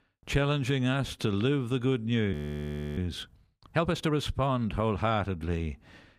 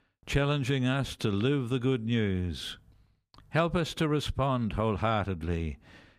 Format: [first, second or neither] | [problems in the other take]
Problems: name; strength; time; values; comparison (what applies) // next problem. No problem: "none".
second | audio freezing; at 2.5 s for 0.5 s